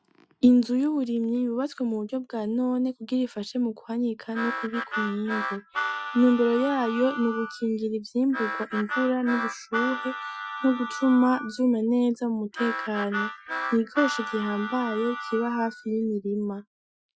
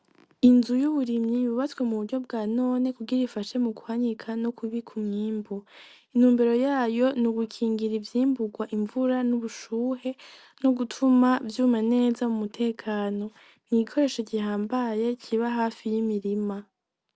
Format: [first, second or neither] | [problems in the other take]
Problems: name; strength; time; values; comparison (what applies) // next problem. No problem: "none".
second | noise reduction (classical method Wiener filter)